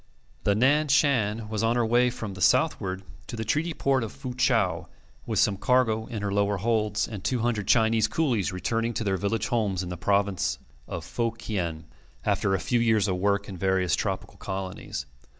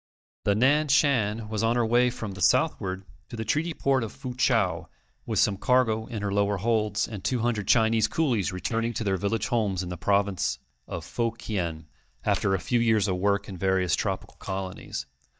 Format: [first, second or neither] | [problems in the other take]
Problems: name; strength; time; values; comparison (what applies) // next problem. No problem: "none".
first | noise reduction (neural mask model DeepFilterNet 3)